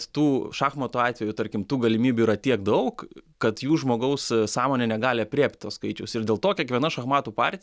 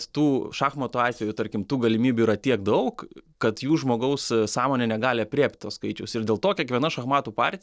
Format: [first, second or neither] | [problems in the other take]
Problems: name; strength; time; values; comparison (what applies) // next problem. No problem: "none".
first | noise reduction (neural separator model SepFormer DNS4)